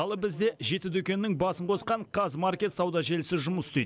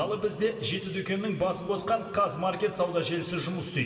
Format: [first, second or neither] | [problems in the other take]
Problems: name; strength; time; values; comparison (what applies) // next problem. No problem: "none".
first | room echo; dies away in 2.3 s